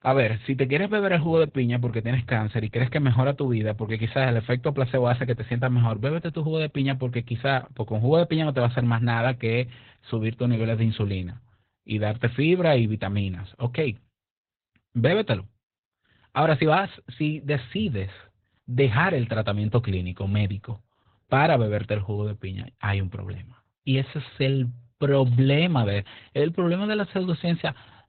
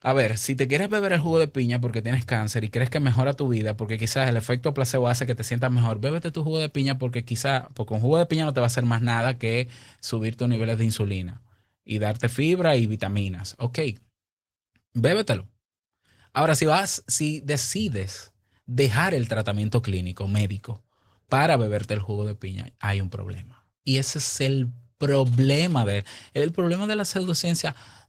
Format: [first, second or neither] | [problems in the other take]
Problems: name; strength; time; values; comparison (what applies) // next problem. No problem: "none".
second | garbled, watery; badly; nothing above 4 kHz; slightly in the second